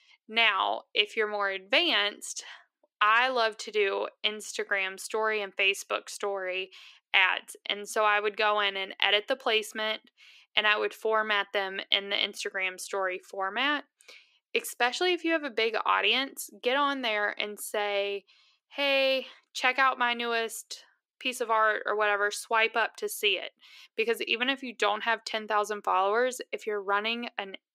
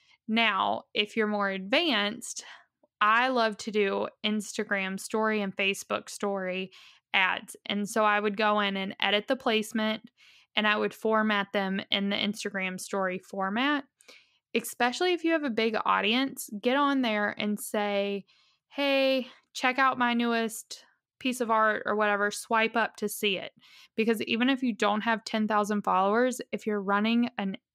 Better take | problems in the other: second | thin; somewhat; fading below 350 Hz

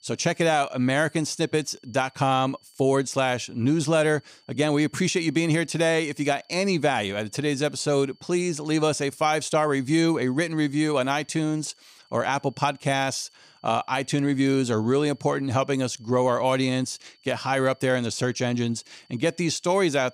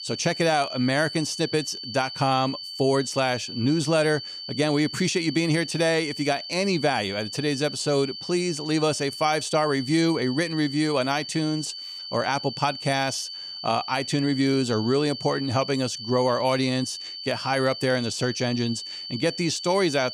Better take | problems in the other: first | high-pitched whine; loud; throughout; 4.5 kHz, 9 dB below the speech; faint in the first

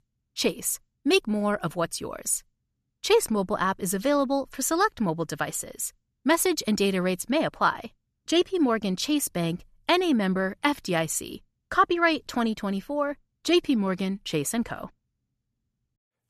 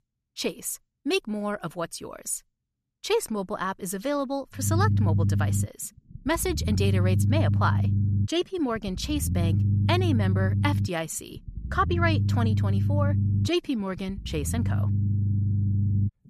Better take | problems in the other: first | low rumble; loud; from 4.5 s on; 8 dB below the speech

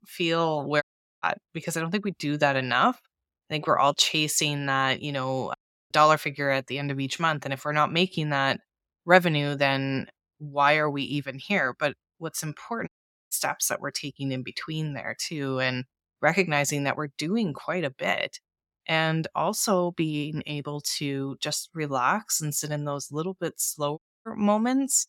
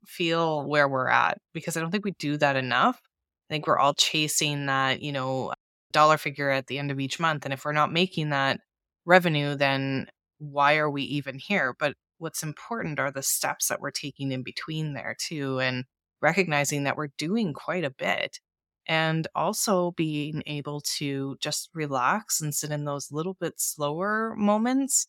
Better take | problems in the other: second | audio cutting out; at 1 s, at 13 s and at 24 s

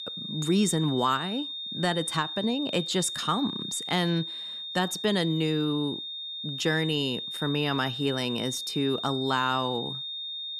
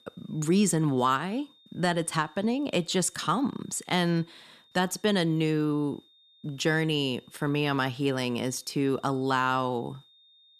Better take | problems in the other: second | high-pitched whine; loud; throughout; 3.5 kHz, 5 dB below the speech; faint in the second

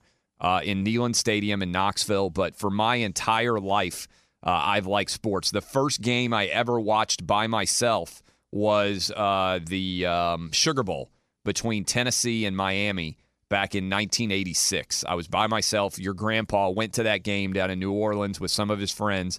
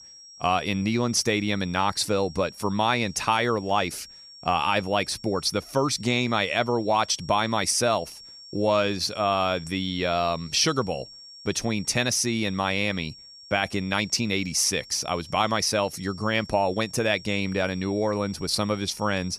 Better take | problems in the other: first | high-pitched whine; noticeable; throughout; 5.5 kHz, 20 dB below the speech

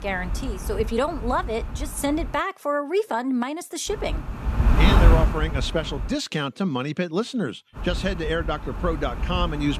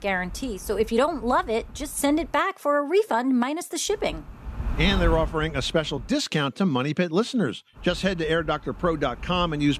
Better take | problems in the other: second | wind noise on the microphone; heavy; until 2.5 s, from 4 to 6 s and from 8 s on; 7 dB below the speech; occasional gusts in the second

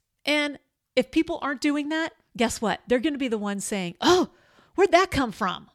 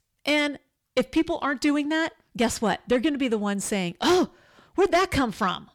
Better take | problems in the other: first | distortion; slight; 10 dB below the speech

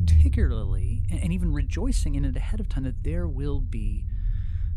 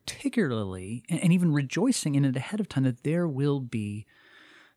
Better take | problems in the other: second | low rumble; loud; throughout; 8 dB below the speech

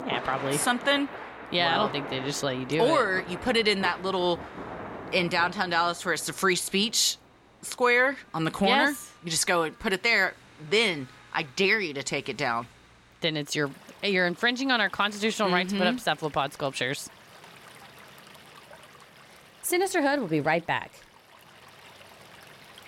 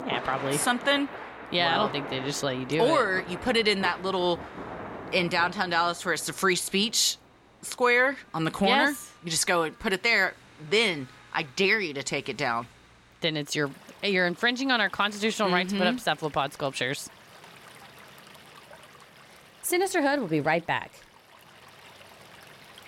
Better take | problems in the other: neither | rain or running water; noticeable; throughout; 15 dB below the speech; the same in both

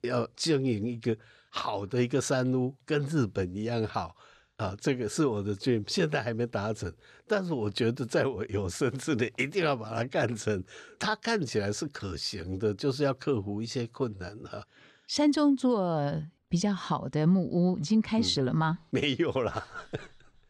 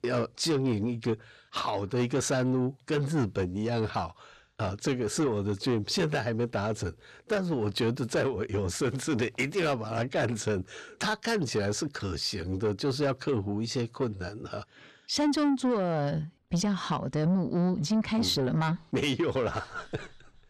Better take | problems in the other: first | distortion; slight; 10 dB below the speech

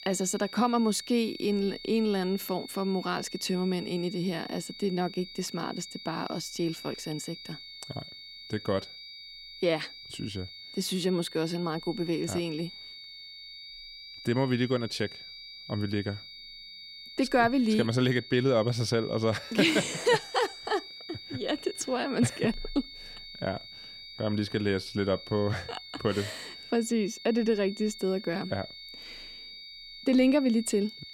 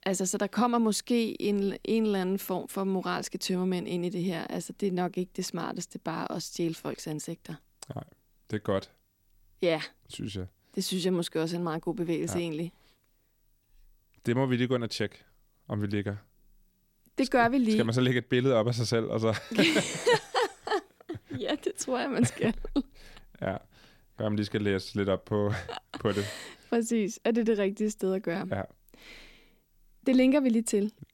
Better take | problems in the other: second | high-pitched whine; noticeable; throughout; 4.5 kHz, 15 dB below the speech

